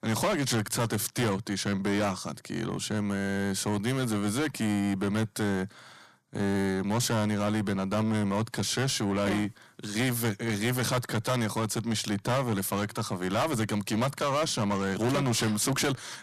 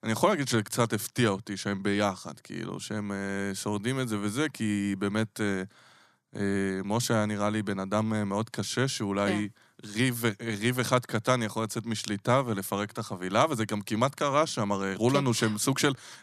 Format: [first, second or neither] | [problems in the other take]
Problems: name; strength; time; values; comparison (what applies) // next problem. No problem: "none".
second | distortion; heavy; 6 dB below the speech